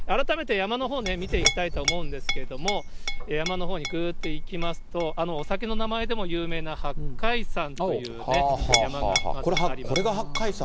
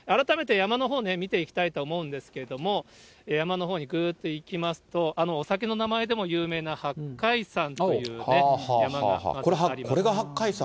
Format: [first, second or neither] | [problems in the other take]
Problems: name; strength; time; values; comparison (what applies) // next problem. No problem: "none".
second | background sound (Chink, clink); 2 dB above the speech